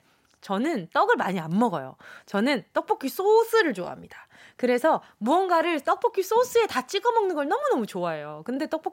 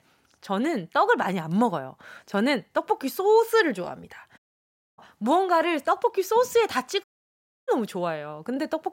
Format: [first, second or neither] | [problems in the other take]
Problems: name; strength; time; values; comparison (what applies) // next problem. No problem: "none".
first | audio cutting out; at 4.5 s for 0.5 s and at 7 s for 0.5 s